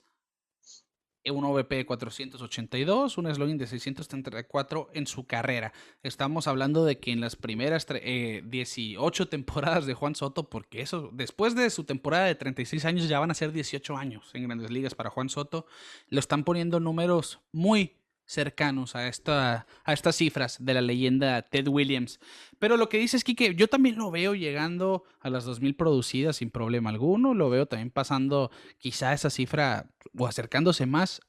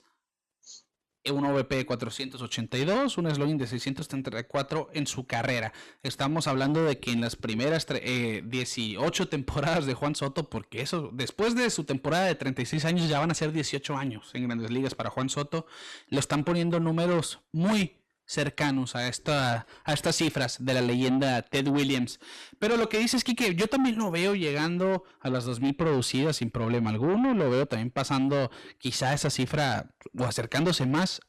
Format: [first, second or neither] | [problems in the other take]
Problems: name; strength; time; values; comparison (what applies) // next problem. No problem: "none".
first | distortion; heavy; 8 dB below the speech